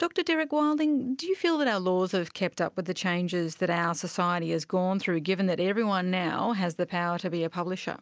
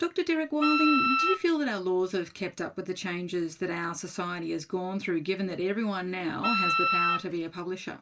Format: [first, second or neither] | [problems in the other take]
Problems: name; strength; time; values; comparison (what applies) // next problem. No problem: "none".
first | background sound (Wind instrument, woodwind instrument); 2 dB above the speech // room echo; dies away in 0.2 s